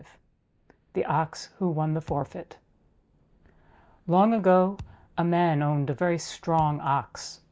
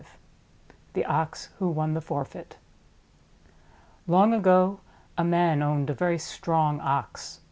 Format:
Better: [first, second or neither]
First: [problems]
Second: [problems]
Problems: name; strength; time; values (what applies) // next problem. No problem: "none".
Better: second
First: noise reduction (neural mask model DeepFilterNet 3)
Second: none